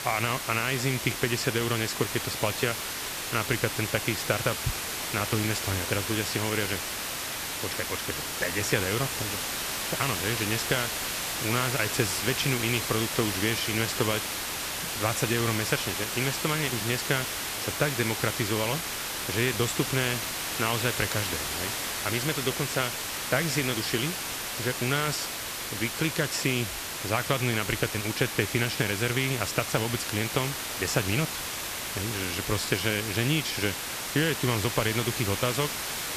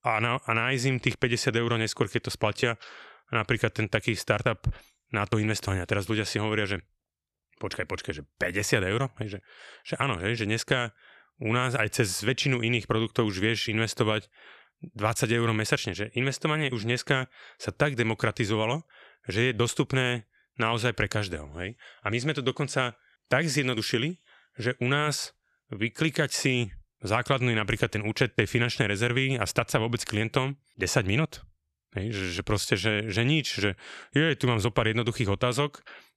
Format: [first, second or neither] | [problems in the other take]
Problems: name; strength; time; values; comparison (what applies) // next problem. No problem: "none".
second | hiss; loud; throughout; 2 dB below the speech